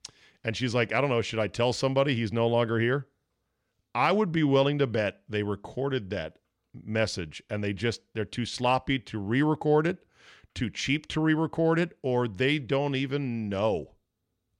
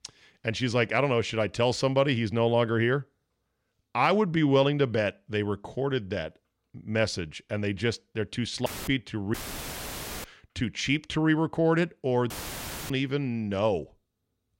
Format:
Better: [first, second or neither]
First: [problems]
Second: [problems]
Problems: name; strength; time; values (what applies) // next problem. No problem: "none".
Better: first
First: none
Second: audio cutting out; filled with static; at 8.5 s, at 9.5 s for 1 s and at 12 s for 0.5 s